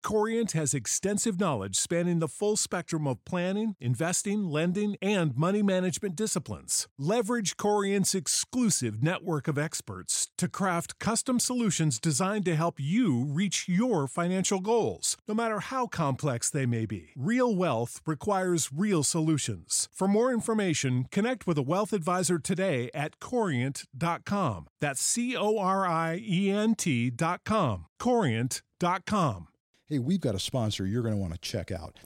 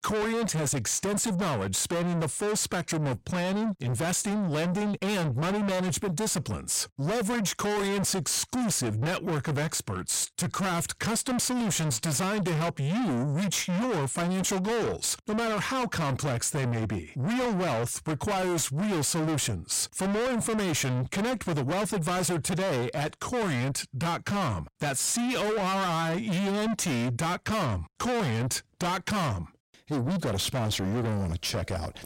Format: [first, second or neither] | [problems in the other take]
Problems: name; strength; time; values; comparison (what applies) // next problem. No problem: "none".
first | distortion; heavy; 5 dB below the speech